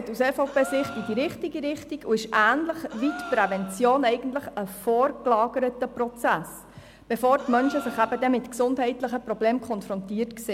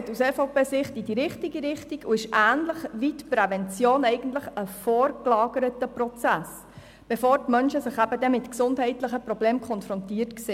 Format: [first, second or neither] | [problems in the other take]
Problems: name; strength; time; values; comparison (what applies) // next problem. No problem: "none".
second | background sound (Gasp); 16 dB below the speech